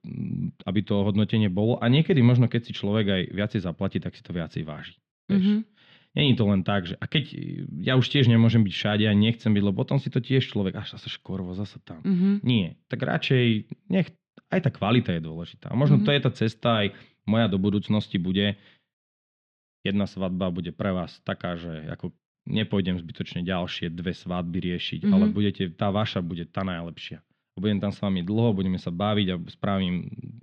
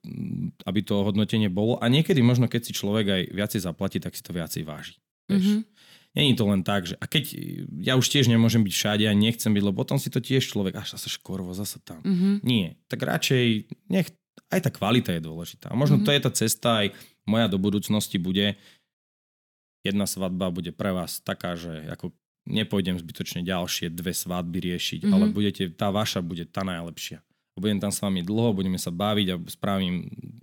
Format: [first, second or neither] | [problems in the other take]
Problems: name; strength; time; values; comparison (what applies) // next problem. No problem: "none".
second | muffled; slightly; fading above 3.5 kHz